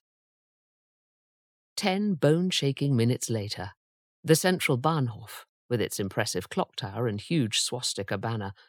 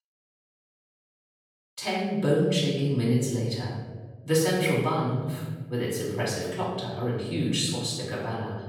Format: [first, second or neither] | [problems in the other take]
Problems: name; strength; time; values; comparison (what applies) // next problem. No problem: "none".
first | off-mic speech; far // room echo; noticeable; dies away in 1.4 s